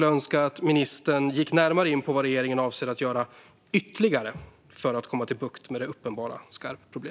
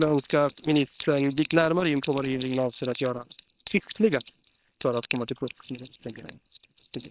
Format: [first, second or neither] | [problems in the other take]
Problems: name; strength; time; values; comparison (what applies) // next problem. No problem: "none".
first | noise reduction (neural separator model SepFormer WHAM!)